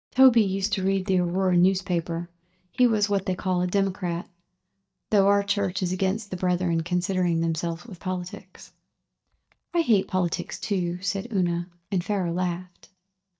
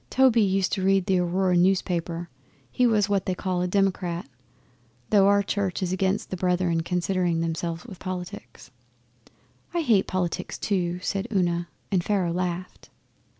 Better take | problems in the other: second | noise reduction (neural mask model DeepFilterNet 3)

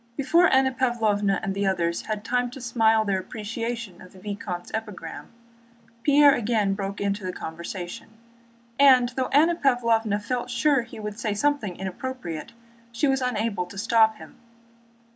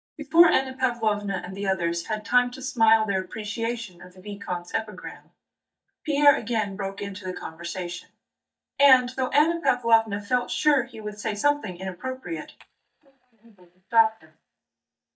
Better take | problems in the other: first | noise reduction (neural mask model DeepFilterNet 3)

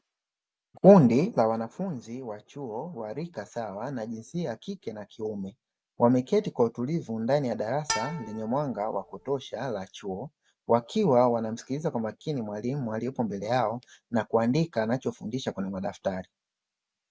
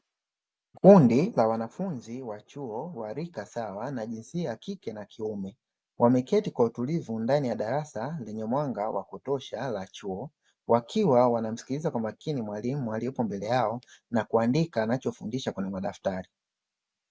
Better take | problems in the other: second | background sound (Bowed string instrument); 9 dB below the speech

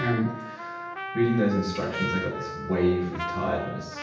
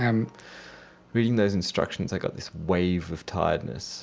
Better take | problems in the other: second | background sound (Trumpet); 8 dB below the speech // room echo; dies away in 0.9 s

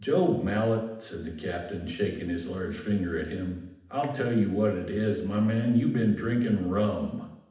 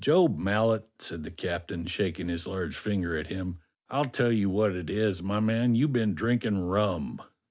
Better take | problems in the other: second | room echo; dies away in 0.8 s

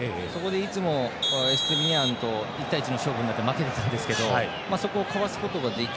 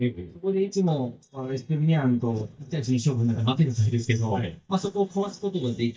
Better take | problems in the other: first | noise reduction (neural mask model DeepFilterNet 3)

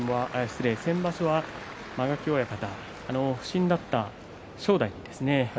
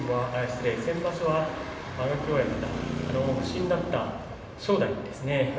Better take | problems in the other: first | background sound (Traffic noise, roadway noise); 8 dB below the speech // room echo; dies away in 1.1 s

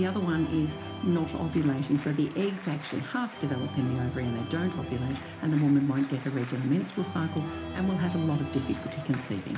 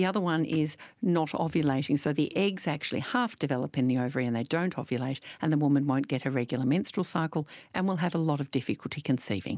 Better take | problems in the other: second | background sound (Organ); 10 dB below the speech // room echo; dies away in 0.4 s

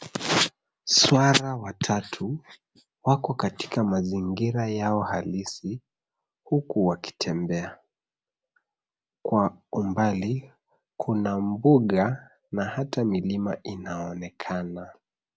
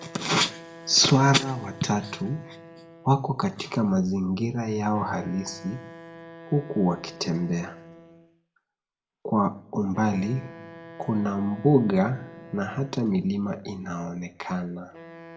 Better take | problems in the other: first | background sound (Wind instrument, woodwind instrument); 20 dB below the speech // room echo; dies away in 0.6 s

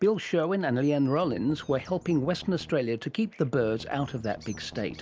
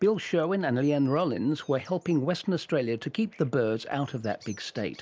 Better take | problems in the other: second | background sound (Strum); 19 dB below the speech

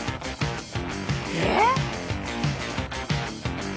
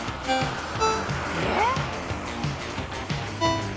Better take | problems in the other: first | background sound (Ringtone + Engine starting / Motor vehicle (road)); as loud as the speech

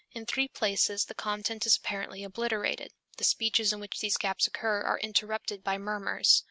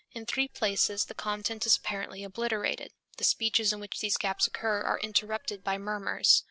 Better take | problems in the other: first | noise reduction (neural separator model SepFormer DNS4)

